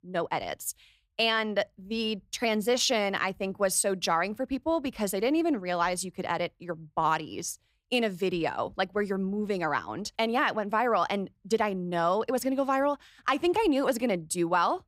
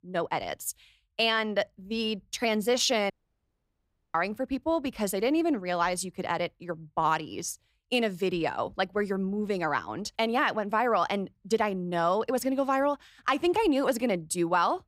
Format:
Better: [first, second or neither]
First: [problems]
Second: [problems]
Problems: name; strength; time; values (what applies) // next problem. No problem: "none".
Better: first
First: none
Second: audio cutting out; at 3 s for 1 s